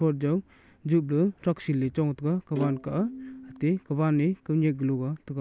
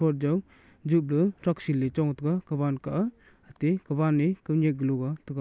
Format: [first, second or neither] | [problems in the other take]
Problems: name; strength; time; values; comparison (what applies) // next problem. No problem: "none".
second | background sound (Bowed string instrument); 14 dB below the speech